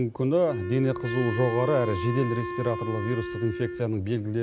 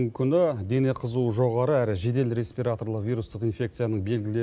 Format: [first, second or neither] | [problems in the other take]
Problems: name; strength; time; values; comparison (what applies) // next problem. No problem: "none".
second | background sound (Wind instrument, woodwind instrument); 7 dB below the speech